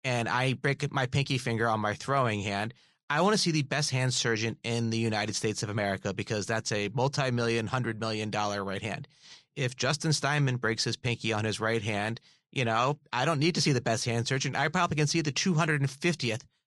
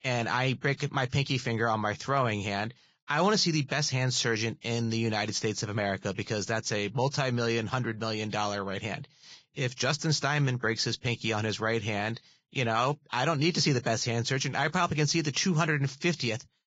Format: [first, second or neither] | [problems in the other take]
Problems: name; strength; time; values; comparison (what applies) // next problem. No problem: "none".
first | garbled, watery; badly; slightly in the first